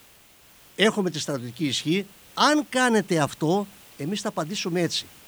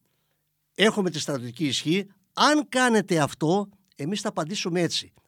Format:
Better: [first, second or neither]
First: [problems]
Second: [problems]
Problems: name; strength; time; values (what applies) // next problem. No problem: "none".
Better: second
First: hiss; faint; throughout; 25 dB below the speech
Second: none